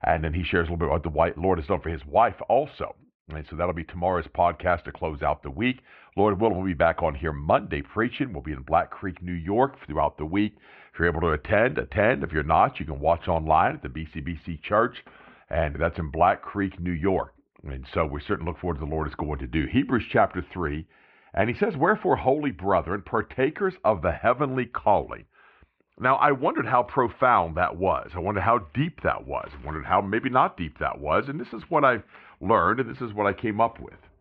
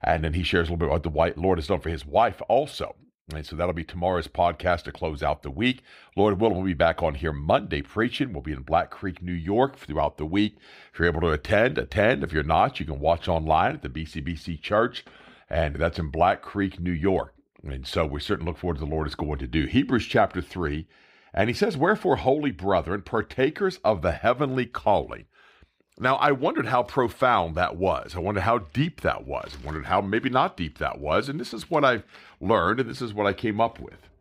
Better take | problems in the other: second | muffled; very; fading above 2.5 kHz

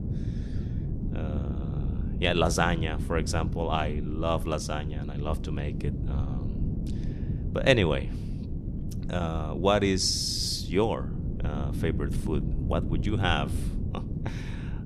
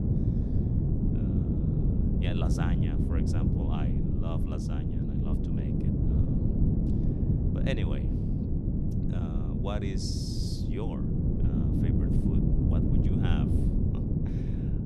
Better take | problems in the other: first | wind noise on the microphone; heavy; 4 dB above the speech; occasional gusts in the first

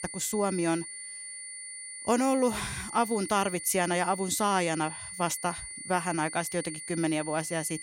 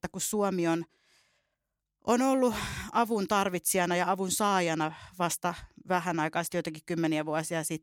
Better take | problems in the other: second | high-pitched whine; loud; throughout; 9.5 kHz, 9 dB below the speech

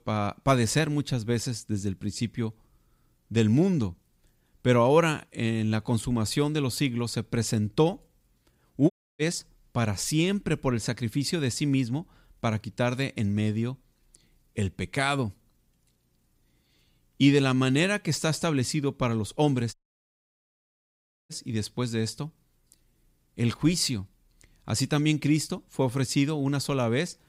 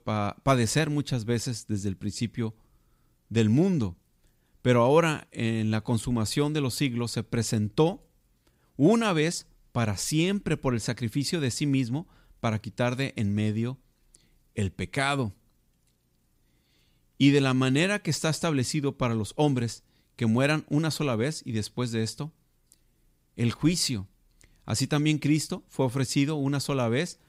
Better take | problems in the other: second | audio cutting out; at 9 s and at 20 s for 1.5 s

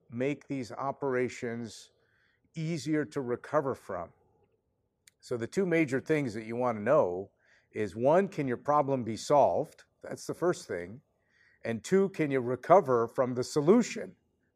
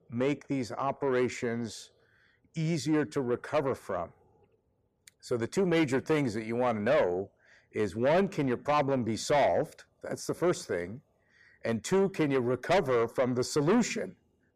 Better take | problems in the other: first | distortion; heavy; 7 dB below the speech

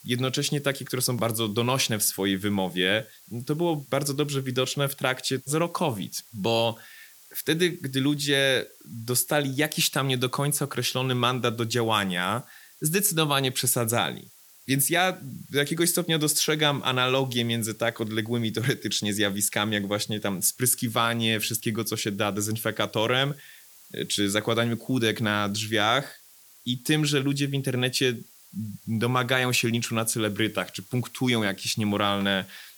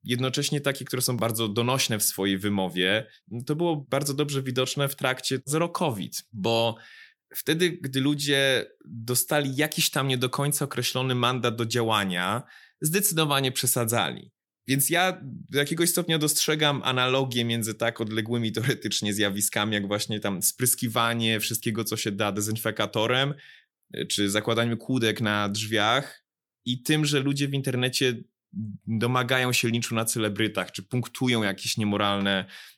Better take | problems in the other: second | hiss; faint; throughout; 25 dB below the speech

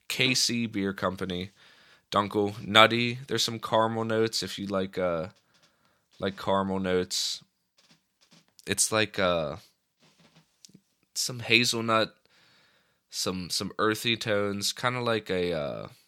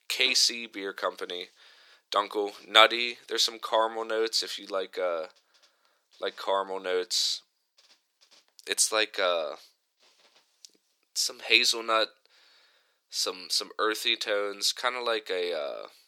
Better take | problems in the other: first | thin; very; fading below 350 Hz

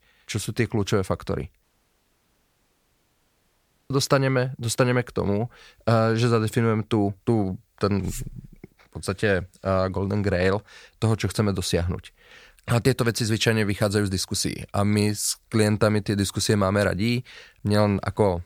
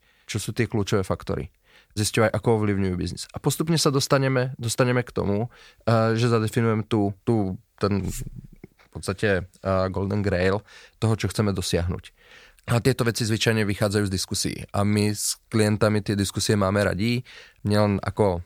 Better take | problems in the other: second | audio cutting out; at 1.5 s for 2.5 s

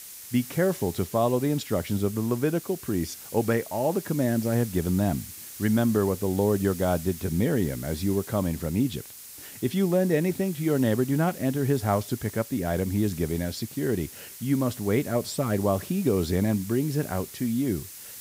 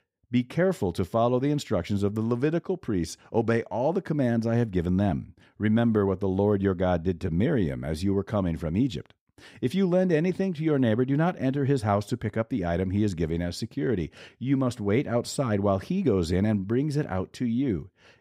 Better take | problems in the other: second | hiss; noticeable; throughout; 15 dB below the speech

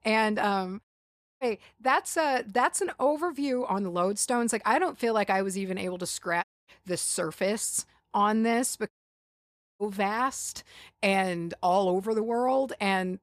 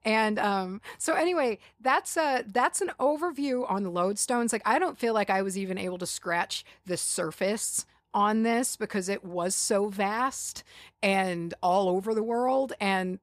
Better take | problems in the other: second | audio cutting out; at 1 s for 0.5 s, at 6.5 s and at 9 s for 1 s

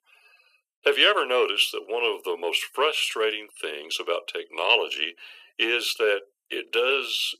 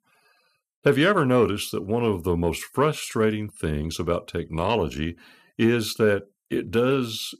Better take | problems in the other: second | thin; very; fading below 400 Hz

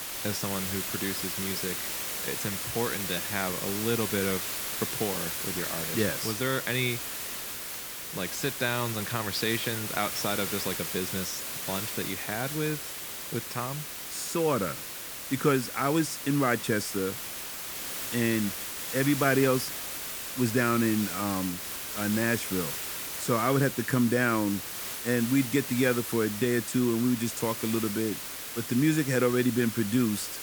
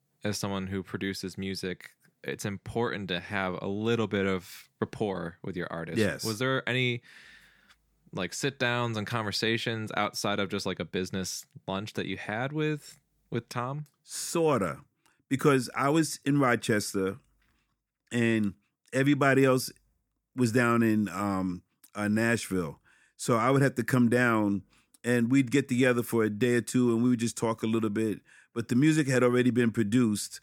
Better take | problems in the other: second | hiss; loud; throughout; 4 dB below the speech

